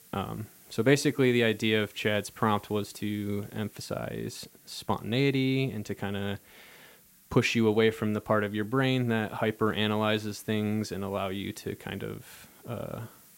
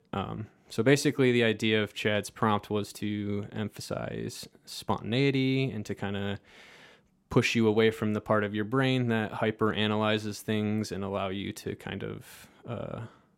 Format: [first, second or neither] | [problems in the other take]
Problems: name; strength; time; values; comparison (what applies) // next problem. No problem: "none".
second | hiss; faint; throughout; 25 dB below the speech